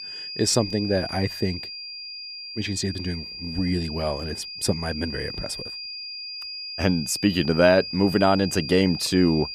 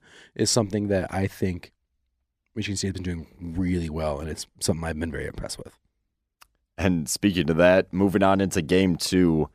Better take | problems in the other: second | high-pitched whine; loud; throughout; 5 kHz, 9 dB below the speech

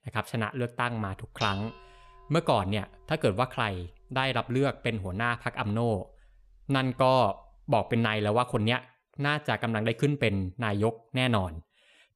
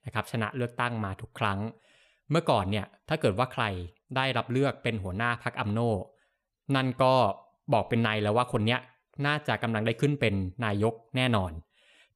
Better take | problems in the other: second | clattering dishes; noticeable; from 1 to 6.5 s; peak 9 dB below the speech

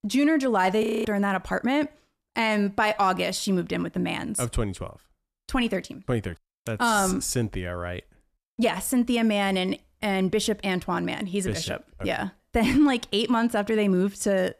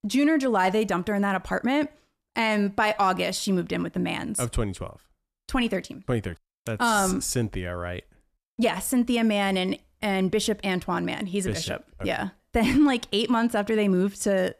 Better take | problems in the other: second | audio freezing; at 1 s

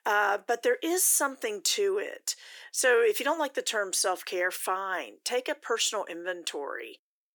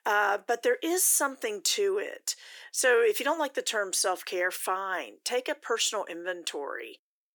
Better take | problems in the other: neither | thin; very; fading below 350 Hz; the same in both

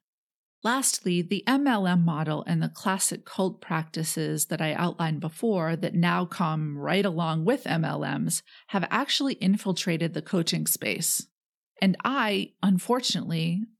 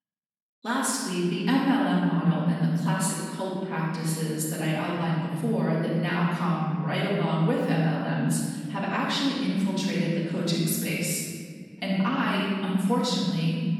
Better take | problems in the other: first | off-mic speech; far // room echo; strong; dies away in 2 s

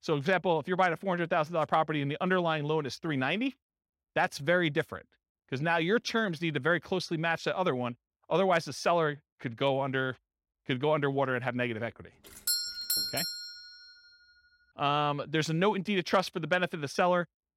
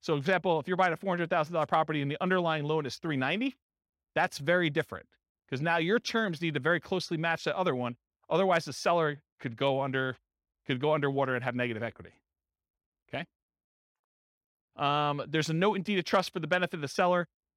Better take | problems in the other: second | doorbell; loud; from 12 to 14 s; peak 1 dB above the speech

